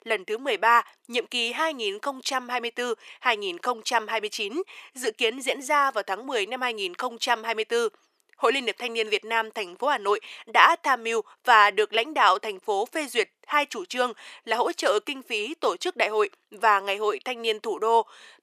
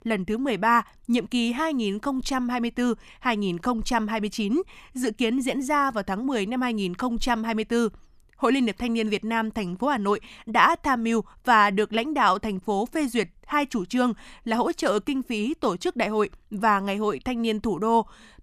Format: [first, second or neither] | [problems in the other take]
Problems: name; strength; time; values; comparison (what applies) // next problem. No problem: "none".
second | thin; very; fading below 400 Hz